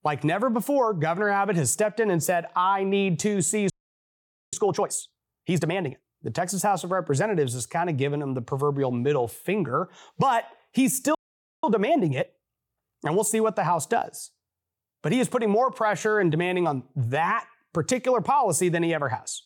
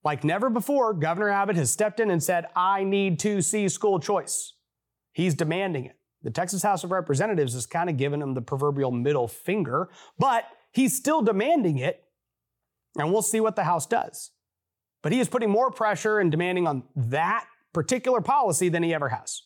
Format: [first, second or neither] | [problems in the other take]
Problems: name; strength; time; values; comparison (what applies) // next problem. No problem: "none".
second | audio freezing; at 3.5 s for 1 s and at 11 s